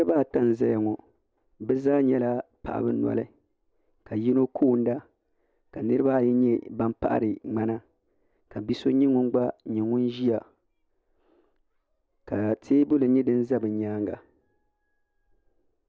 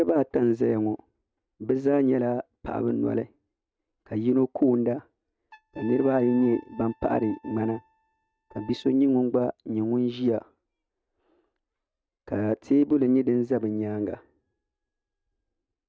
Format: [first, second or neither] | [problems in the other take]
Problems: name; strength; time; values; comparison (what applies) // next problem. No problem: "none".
first | noise reduction (neural mask model RNNoise)